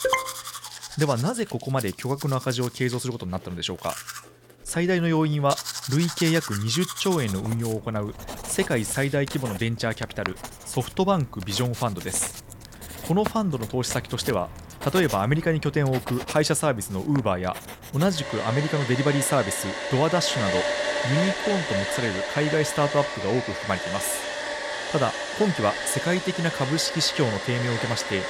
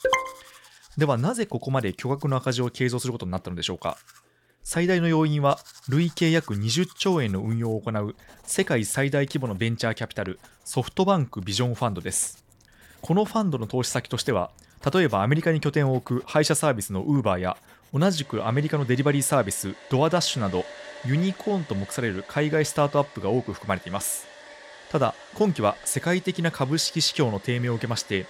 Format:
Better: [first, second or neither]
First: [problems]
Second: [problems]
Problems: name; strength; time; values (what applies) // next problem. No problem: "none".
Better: second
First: household noises; loud; throughout; 6 dB below the speech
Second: household noises; faint; throughout; 20 dB below the speech